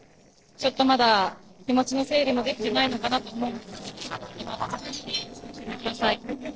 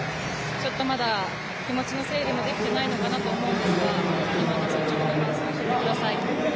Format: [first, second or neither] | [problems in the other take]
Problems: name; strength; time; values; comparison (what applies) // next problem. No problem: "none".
second | noise reduction (neural separator model SepFormer DNS4)